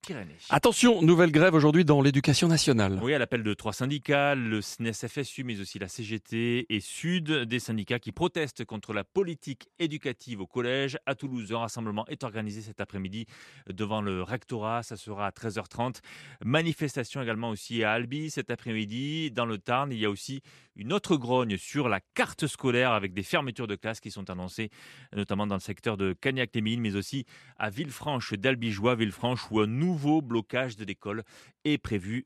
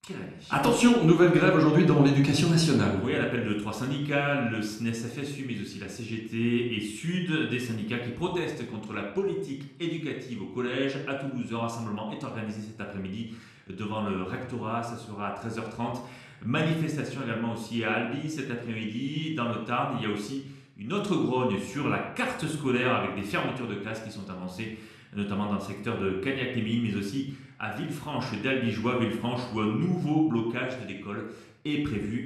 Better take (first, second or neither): first